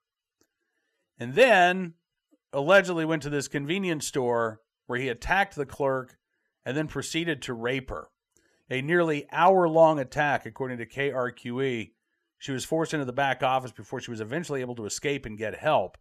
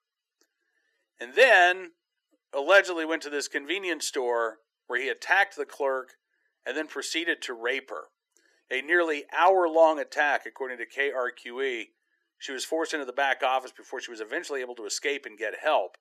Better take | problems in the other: first | thin; somewhat; fading below 300 Hz

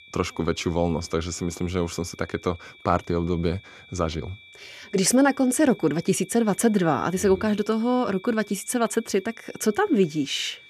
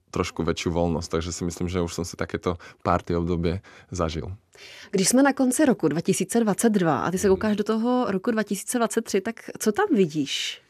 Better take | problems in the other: second | high-pitched whine; faint; throughout; 2.5 kHz, 25 dB below the speech

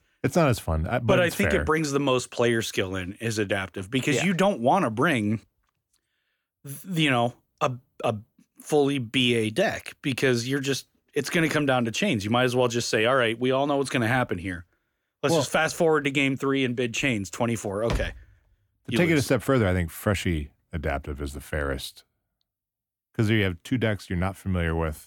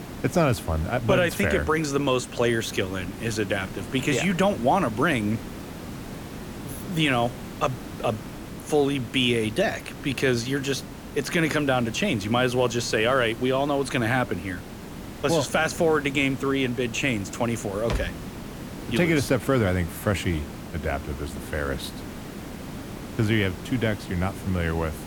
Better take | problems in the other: first | hiss; noticeable; throughout; 15 dB below the speech

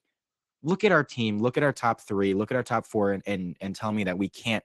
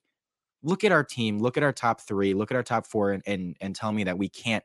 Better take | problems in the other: second | garbled, watery; slightly

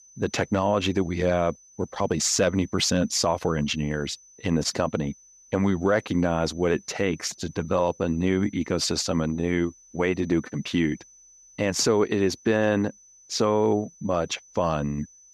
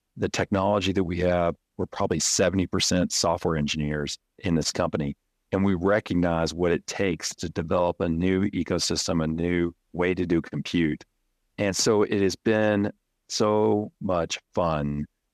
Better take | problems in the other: second | high-pitched whine; faint; throughout; 6 kHz, 25 dB below the speech

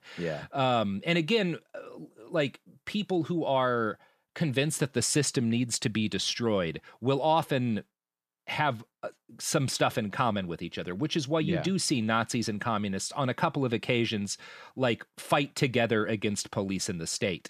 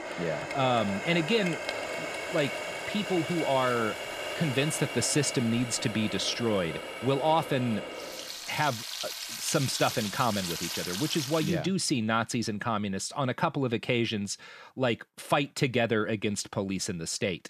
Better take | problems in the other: first | household noises; loud; until 12 s; 6 dB below the speech

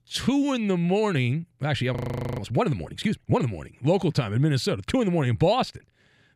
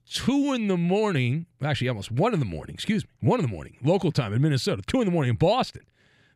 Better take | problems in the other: second | audio freezing; at 2 s

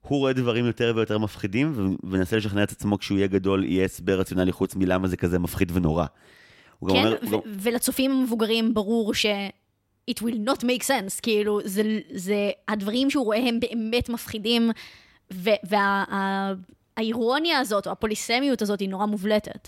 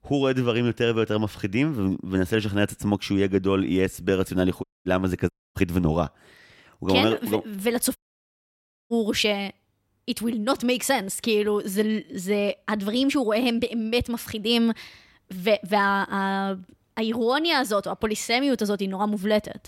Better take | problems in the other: first | audio cutting out; at 4.5 s, at 5.5 s and at 8 s for 1 s

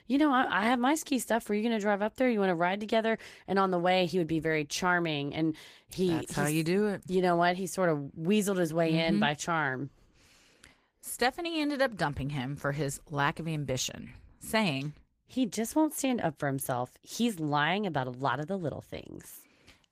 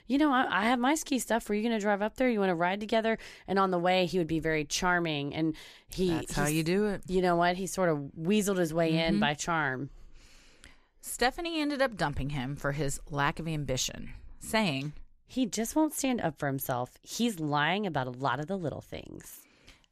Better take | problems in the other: second | garbled, watery; slightly; nothing above 15 kHz

